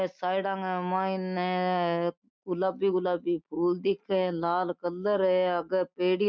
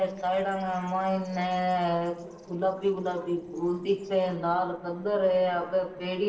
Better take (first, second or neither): first